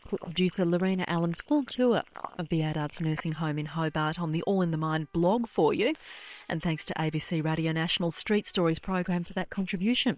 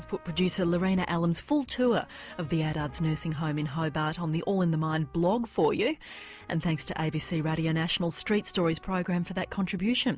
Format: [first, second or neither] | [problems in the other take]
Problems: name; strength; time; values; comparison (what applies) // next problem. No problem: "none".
second | noise reduction (neural separator model SepFormer WHAM!)